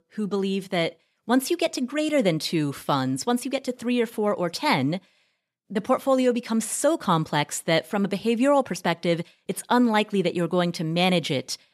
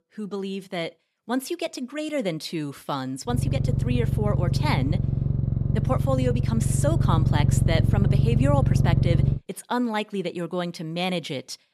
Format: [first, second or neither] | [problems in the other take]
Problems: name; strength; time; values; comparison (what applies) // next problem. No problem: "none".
first | low rumble; loud; from 3.5 to 9.5 s; 5 dB below the speech